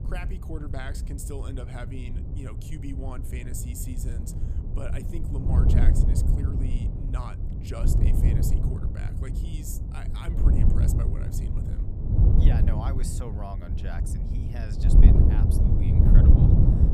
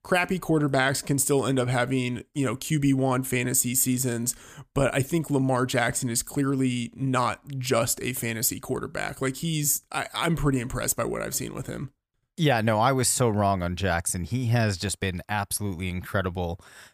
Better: second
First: wind noise on the microphone; heavy; 4 dB above the speech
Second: none

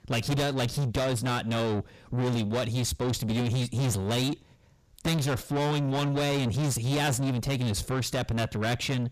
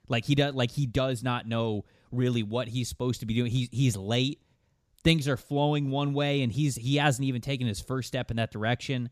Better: second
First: distortion; heavy; 5 dB below the speech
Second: none

